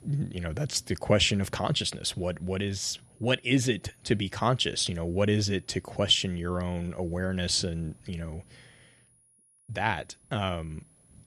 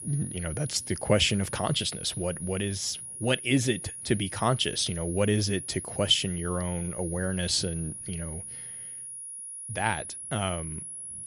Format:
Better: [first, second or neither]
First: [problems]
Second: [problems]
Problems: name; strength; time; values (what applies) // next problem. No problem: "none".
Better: first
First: high-pitched whine; faint; throughout; 10.5 kHz, 30 dB below the speech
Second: high-pitched whine; loud; throughout; 10.5 kHz, 8 dB below the speech